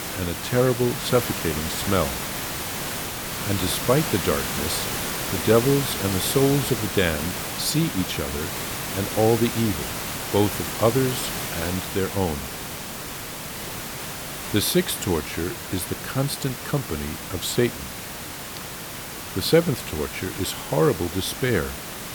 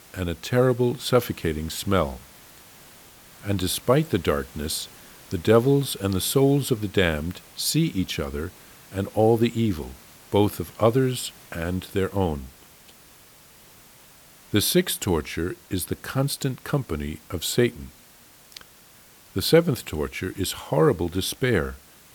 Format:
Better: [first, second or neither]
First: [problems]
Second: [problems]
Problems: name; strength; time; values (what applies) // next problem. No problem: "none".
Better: second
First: hiss; loud; throughout; 4 dB below the speech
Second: hiss; faint; throughout; 25 dB below the speech